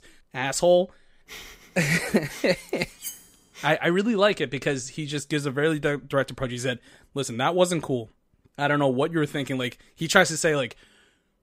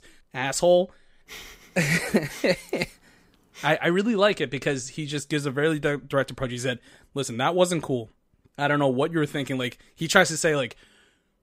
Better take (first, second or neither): second